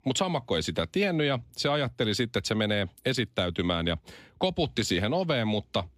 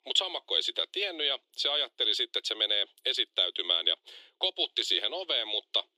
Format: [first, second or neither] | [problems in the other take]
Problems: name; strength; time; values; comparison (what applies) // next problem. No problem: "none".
first | thin; very; fading below 350 Hz